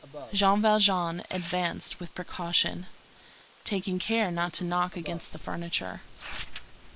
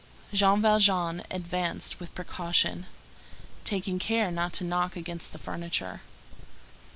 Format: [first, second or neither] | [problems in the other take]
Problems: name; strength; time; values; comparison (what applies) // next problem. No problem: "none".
second | noise reduction (neural mask model Resemble Enhance denoiser)